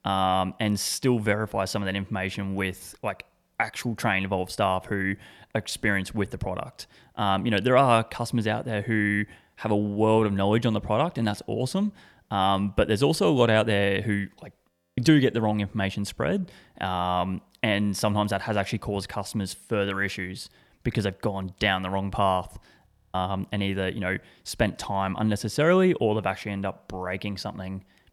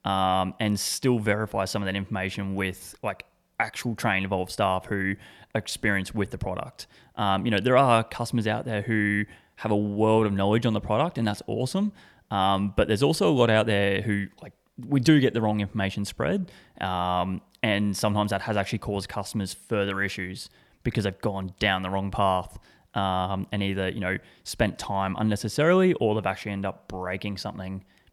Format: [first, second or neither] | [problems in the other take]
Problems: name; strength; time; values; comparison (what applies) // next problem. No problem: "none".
second | audio freezing; at 15 s and at 23 s